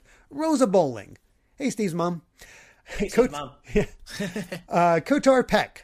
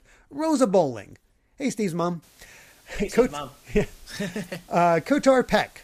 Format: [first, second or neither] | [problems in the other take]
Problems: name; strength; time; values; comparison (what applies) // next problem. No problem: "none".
first | hiss; faint; from 2 s on; 30 dB below the speech